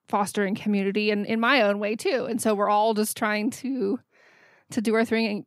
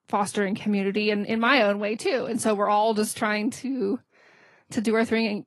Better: first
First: none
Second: garbled, watery; slightly; nothing above 11.5 kHz

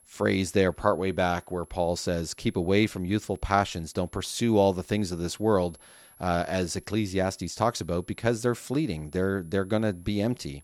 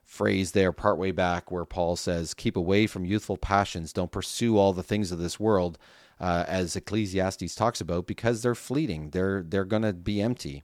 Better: second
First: high-pitched whine; faint; throughout; 11.5 kHz, 30 dB below the speech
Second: none

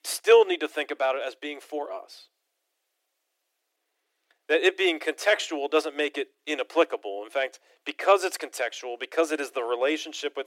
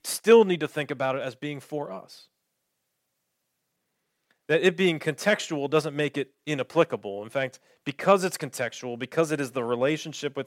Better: second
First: thin; somewhat; fading below 300 Hz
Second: none

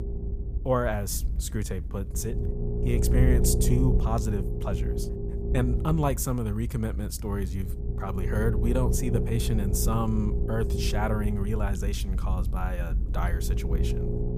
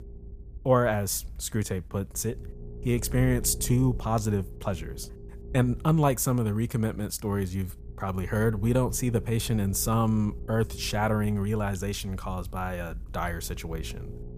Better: second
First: low rumble; loud; throughout; 5 dB below the speech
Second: low rumble; faint; throughout; 20 dB below the speech

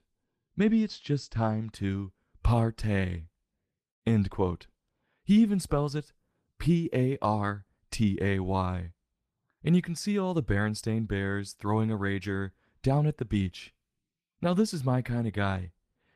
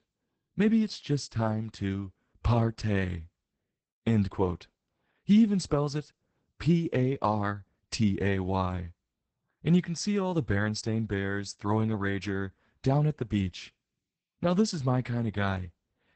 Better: first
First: garbled, watery; slightly; nothing above 14 kHz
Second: garbled, watery; badly; nothing above 8 kHz

